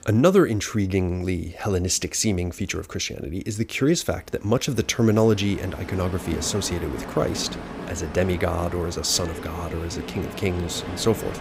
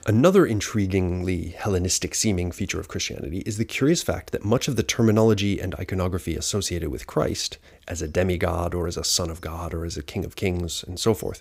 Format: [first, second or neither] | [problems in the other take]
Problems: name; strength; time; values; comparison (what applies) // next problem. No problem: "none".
second | train or aircraft noise; noticeable; throughout; 10 dB below the speech